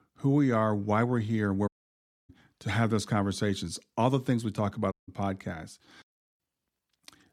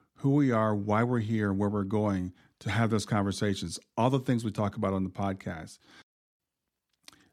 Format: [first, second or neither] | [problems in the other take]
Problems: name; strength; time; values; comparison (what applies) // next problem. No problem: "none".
second | audio cutting out; at 1.5 s for 0.5 s and at 5 s